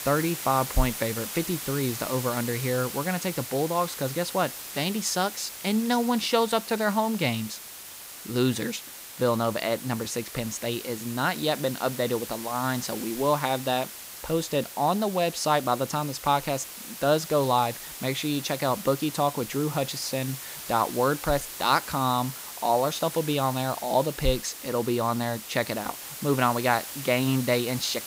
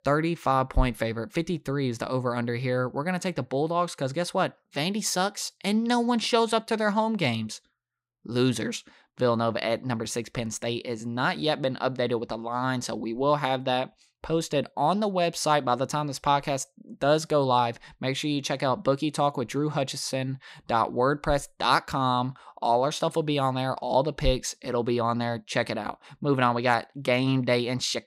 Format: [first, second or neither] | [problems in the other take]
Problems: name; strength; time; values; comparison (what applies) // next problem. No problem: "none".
second | hiss; loud; throughout; 9 dB below the speech